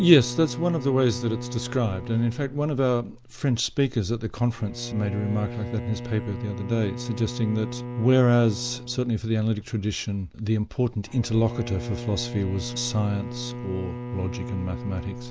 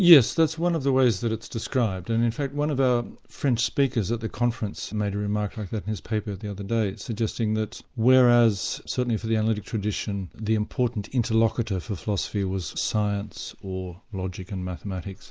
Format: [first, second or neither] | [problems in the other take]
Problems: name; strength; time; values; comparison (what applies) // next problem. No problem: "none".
second | background sound (Bowed string instrument); 11 dB below the speech